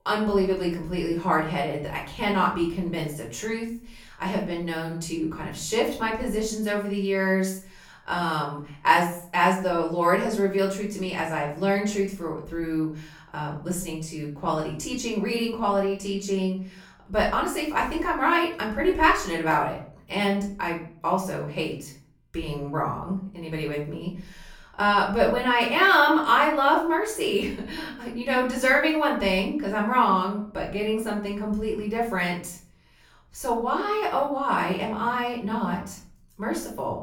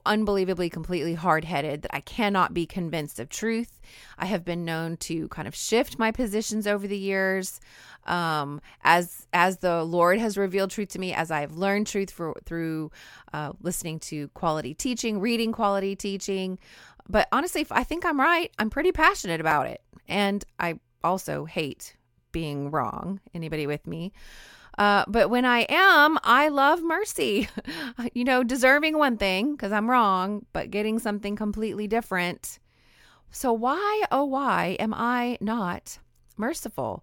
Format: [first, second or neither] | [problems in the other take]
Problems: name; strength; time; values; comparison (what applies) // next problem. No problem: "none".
second | room echo; slight; dies away in 0.5 s // off-mic speech; far